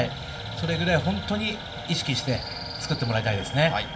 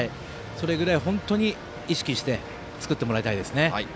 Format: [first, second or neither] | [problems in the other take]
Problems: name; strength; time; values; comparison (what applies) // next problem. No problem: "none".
second | background sound (Bird vocalization, bird call, bird song); 14 dB below the speech // room echo; dies away in 0.4 s